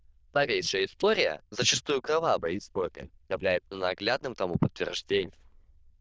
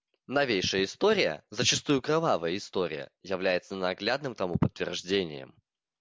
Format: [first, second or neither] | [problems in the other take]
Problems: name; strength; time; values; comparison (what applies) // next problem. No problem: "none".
second | noise reduction (neural diffusion model UNIVERSE++)